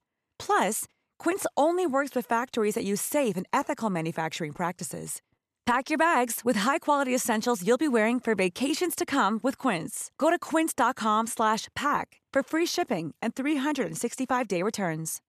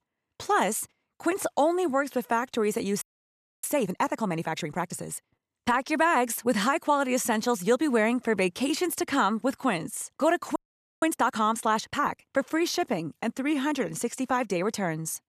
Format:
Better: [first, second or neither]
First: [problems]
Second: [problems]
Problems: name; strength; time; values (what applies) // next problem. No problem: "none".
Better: first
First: none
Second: audio freezing; at 3 s for 0.5 s and at 11 s